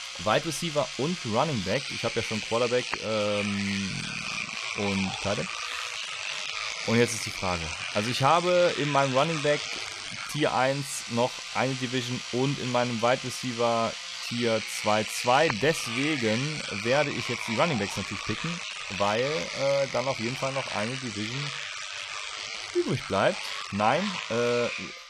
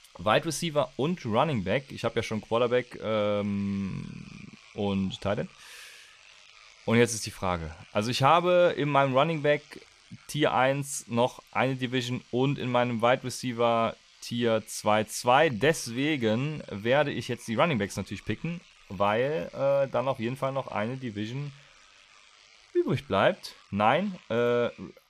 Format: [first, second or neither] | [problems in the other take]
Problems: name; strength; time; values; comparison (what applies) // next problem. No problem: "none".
second | household noises; loud; throughout; 4 dB below the speech; faint in the second